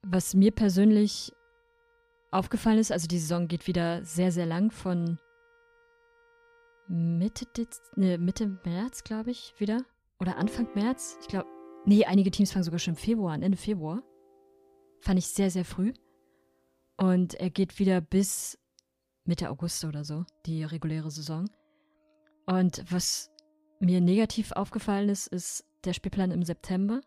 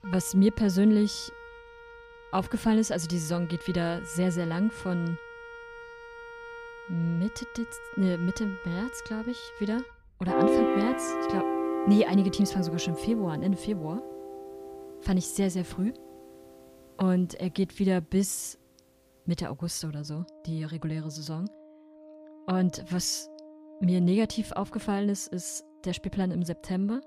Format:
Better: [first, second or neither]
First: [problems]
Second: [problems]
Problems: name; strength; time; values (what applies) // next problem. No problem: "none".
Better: first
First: background music; faint; throughout; 25 dB below the speech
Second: background music; loud; throughout; 7 dB below the speech